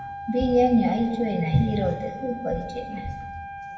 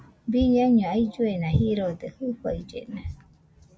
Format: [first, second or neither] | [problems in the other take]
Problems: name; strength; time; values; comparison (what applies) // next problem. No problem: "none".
second | background sound (Wind instrument, woodwind instrument); 12 dB below the speech // room echo; dies away in 1.2 s